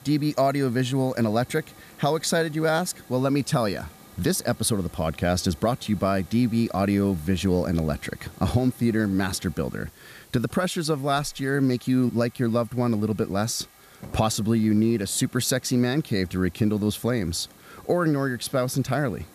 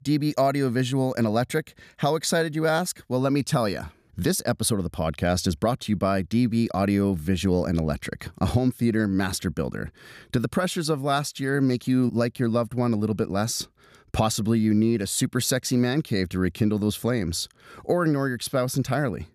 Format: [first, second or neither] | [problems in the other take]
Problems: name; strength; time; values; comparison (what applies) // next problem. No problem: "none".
second | hiss; faint; throughout; 25 dB below the speech